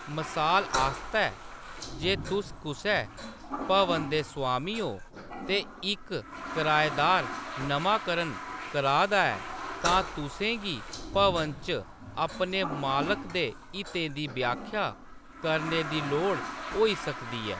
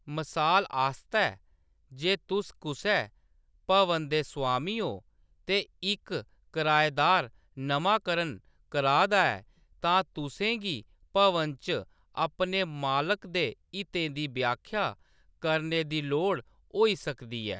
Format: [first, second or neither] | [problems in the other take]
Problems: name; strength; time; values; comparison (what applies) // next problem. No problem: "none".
second | background sound (Toilet flush); 8 dB below the speech